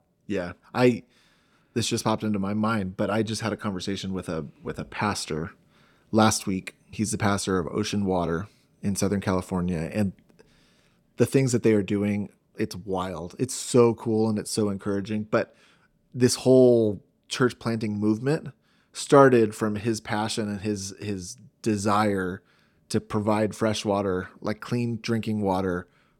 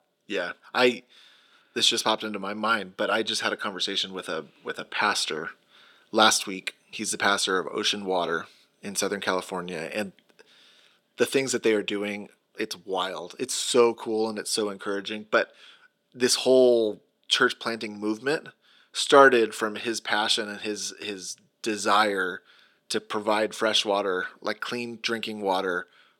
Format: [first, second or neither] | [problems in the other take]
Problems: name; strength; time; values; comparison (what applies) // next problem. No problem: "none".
first | thin; somewhat; fading below 400 Hz